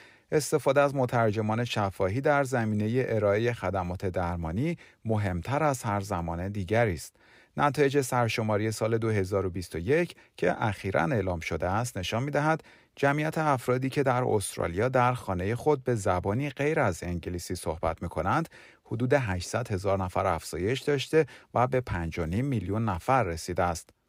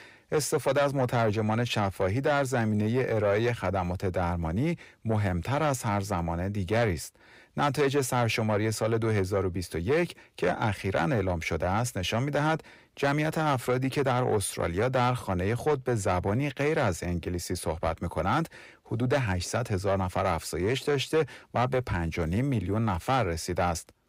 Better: first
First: none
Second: distortion; slight; 10 dB below the speech

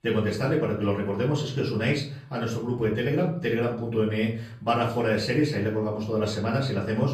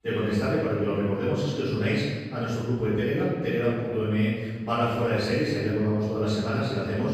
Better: first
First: room echo; slight; dies away in 0.5 s // off-mic speech; far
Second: room echo; strong; dies away in 1.4 s // off-mic speech; far

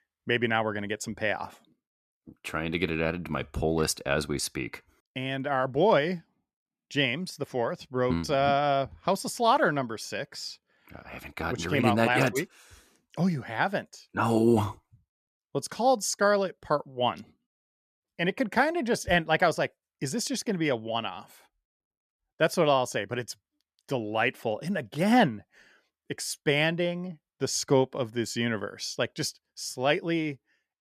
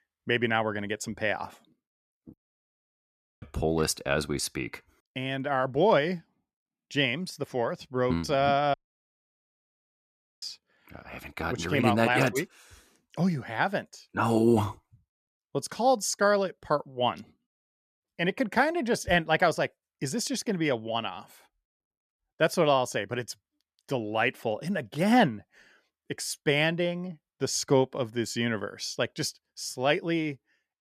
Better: first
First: none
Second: audio cutting out; at 2.5 s for 1 s and at 8.5 s for 1.5 s

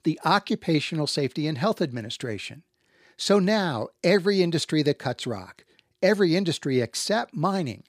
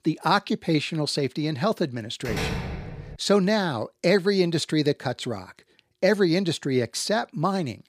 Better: first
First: none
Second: door banging; noticeable; at 2.5 s; peak 4 dB below the speech

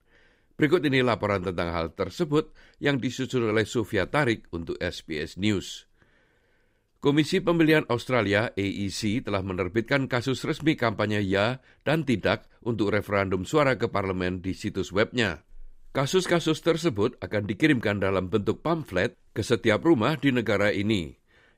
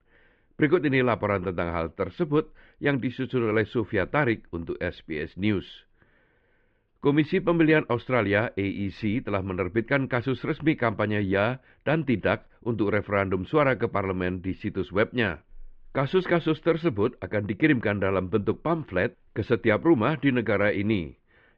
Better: first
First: none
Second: muffled; very; fading above 3 kHz

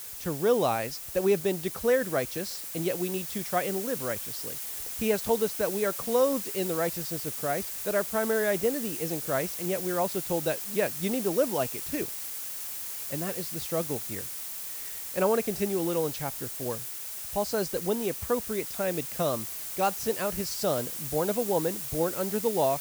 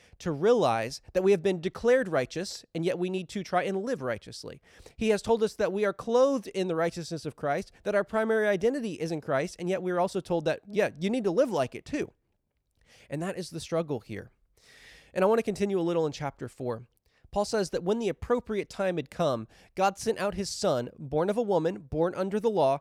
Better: second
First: hiss; loud; throughout; 4 dB below the speech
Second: none

